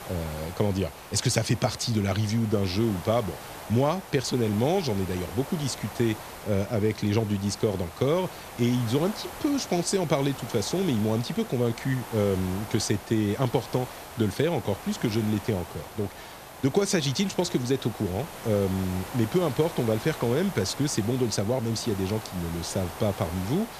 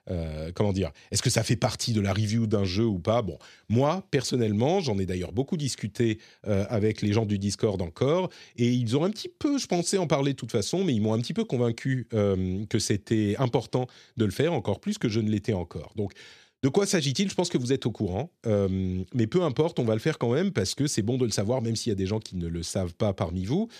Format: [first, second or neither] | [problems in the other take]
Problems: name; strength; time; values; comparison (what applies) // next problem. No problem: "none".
second | hiss; noticeable; throughout; 15 dB below the speech